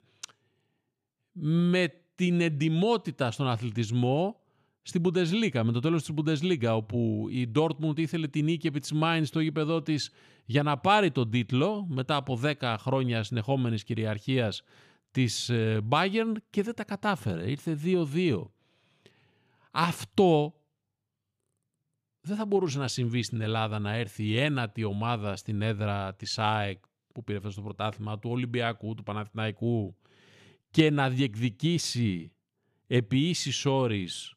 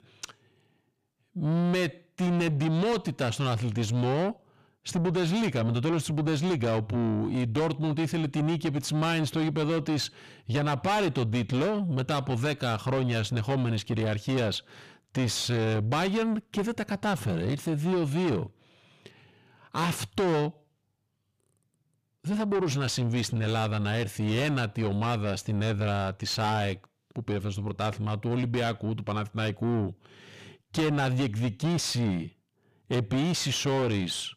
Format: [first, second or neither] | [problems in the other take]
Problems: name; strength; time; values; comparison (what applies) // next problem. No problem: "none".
first | distortion; heavy; 7 dB below the speech